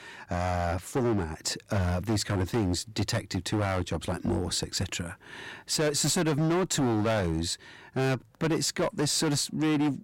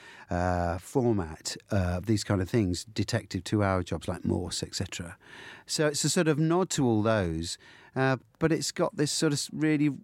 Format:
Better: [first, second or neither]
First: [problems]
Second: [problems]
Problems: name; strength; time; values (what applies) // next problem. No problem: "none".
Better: second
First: distortion; heavy; 15% of the sound clipped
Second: none